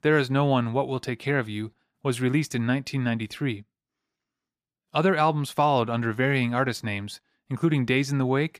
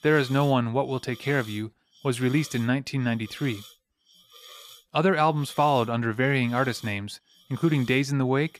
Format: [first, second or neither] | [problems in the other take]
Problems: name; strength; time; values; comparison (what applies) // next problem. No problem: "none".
first | hiss; faint; throughout; 20 dB below the speech